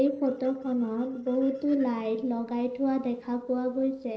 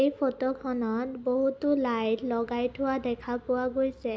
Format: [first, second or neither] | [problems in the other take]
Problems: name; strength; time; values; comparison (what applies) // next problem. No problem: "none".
second | noise reduction (neural separator model SepFormer DNS4)